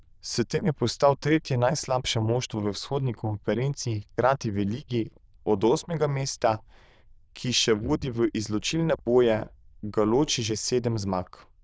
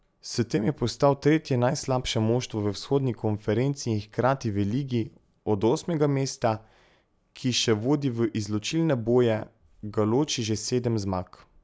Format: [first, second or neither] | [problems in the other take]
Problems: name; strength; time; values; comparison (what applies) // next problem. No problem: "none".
second | noise reduction (neural diffusion model UNIVERSE++)